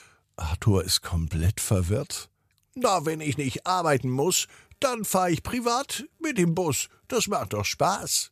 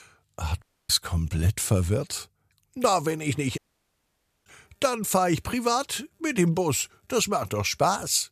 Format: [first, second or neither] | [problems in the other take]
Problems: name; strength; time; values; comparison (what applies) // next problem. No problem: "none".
first | audio cutting out; at 0.5 s and at 3.5 s for 1 s